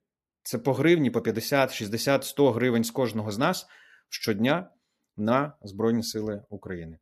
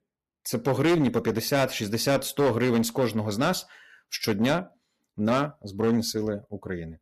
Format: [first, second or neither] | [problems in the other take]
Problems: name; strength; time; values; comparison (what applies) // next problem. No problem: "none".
first | distortion; slight; 8% of the sound clipped